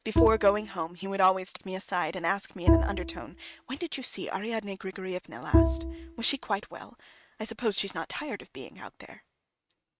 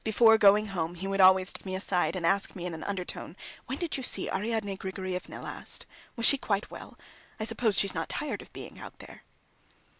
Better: second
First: noise reduction (neural mask model RNNoise)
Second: none

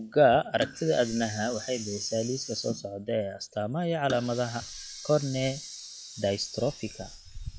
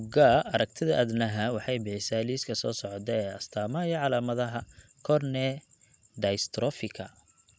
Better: second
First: noise reduction (classical method log-MMSE)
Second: none

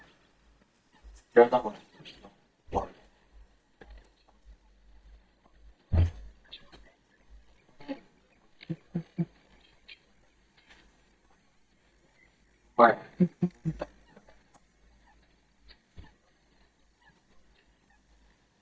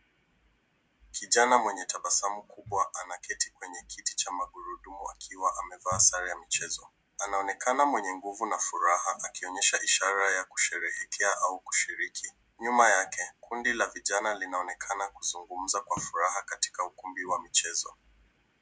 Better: second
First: noise reduction (neural mask model DeepFilterNet 3)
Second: none

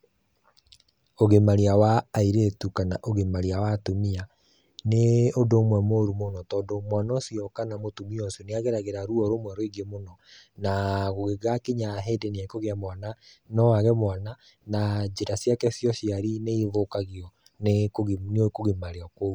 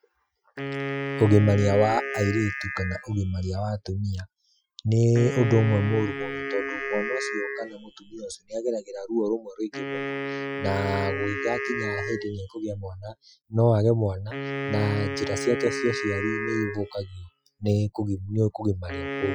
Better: first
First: none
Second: noise reduction (classical method Wiener filter)

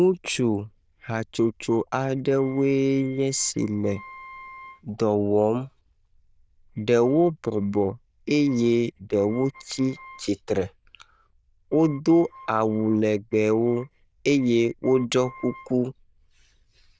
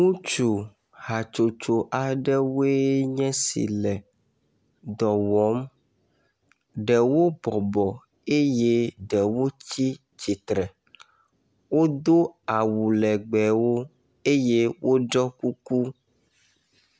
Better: second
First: noise reduction (neural diffusion model UNIVERSE++)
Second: none

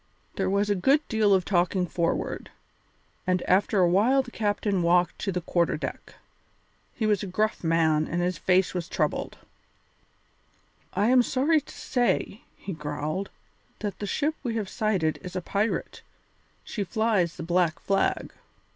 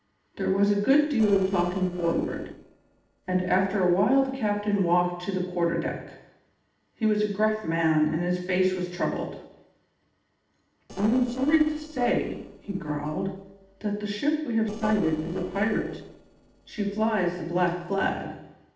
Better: first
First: none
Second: noise reduction (neural separator model SepFormer DNS4)

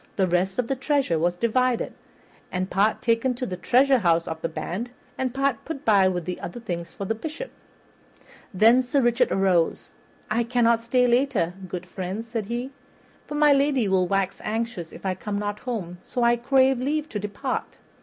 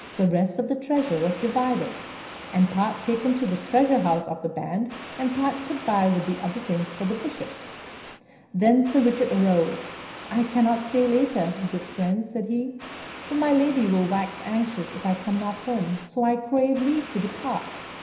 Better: first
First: none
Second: background sound (Water); 15 dB below the speech // room echo; dies away in 0.9 s

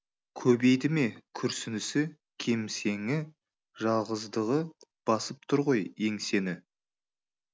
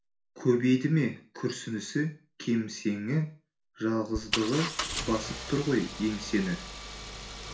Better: first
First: none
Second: background sound (Engine); 6 dB below the speech // room echo; dies away in 0.4 s

